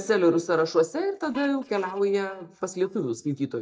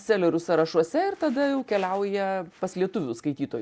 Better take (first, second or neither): second